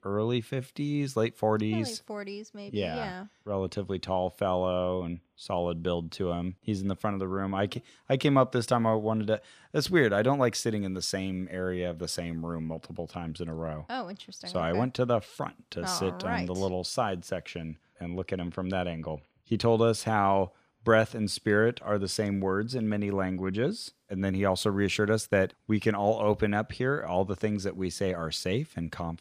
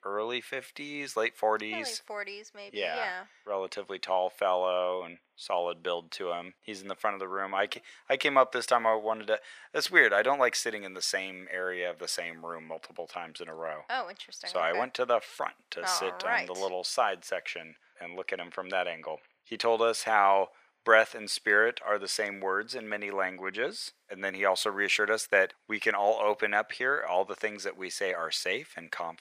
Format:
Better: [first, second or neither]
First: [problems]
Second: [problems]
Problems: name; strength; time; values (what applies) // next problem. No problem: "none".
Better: first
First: none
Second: thin; very; fading below 650 Hz